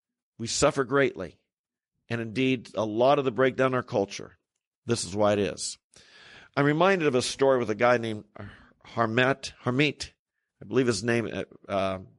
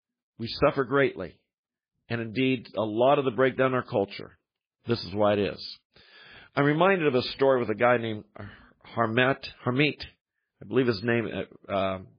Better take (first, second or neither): first